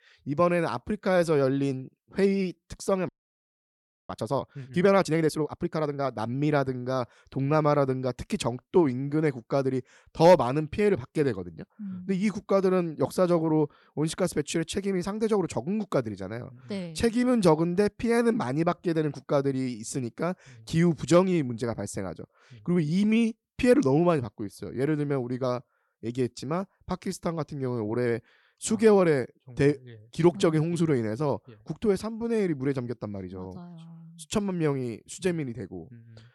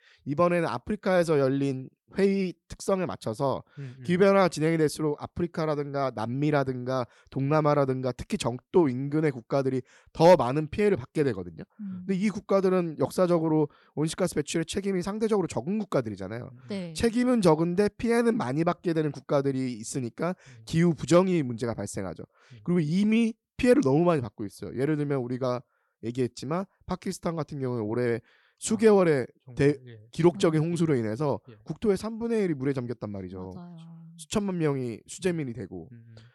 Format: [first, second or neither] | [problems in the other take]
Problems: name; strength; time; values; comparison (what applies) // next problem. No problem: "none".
second | audio freezing; at 3 s for 1 s